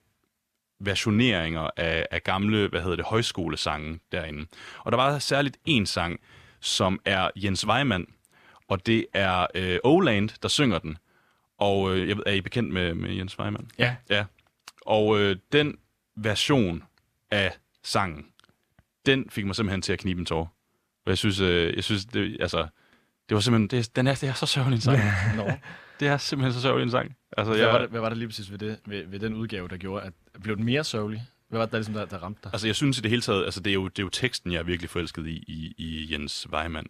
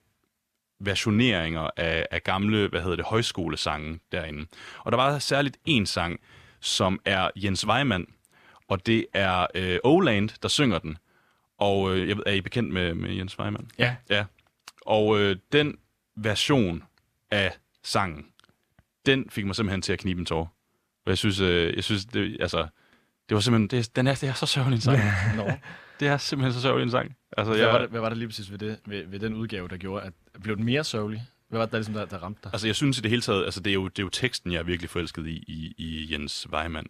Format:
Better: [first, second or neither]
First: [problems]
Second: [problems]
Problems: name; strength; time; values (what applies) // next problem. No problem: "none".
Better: neither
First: none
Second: none